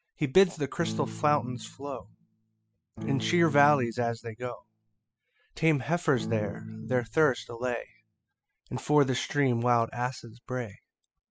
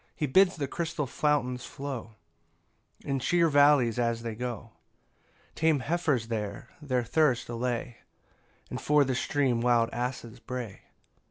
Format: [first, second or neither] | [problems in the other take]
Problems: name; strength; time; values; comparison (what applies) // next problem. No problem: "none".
second | noise reduction (classical method spectral subtraction)